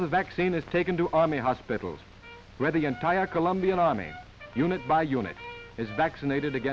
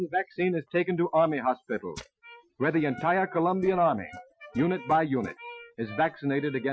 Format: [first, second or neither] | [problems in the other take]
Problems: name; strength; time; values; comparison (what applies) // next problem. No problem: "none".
first | noise reduction (classical method Wiener filter)